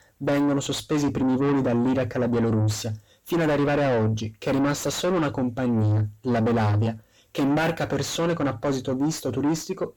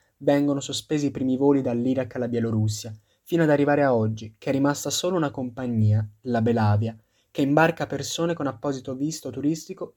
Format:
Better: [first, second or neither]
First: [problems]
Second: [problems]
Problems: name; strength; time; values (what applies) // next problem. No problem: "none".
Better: second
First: distortion; heavy; 6 dB below the speech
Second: none